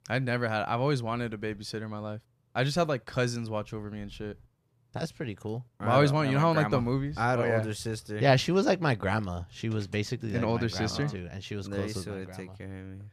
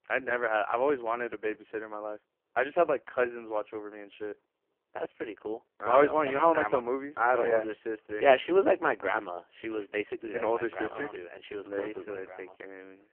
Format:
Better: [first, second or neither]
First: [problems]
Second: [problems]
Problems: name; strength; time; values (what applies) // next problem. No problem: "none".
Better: first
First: none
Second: phone-call audio; poor line